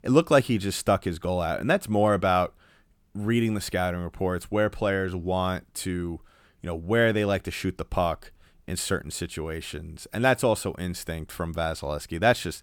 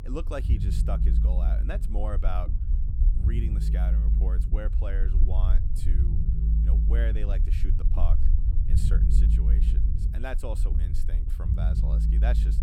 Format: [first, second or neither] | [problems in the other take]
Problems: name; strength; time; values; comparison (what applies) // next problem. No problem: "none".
first | low rumble; loud; throughout; 4 dB below the speech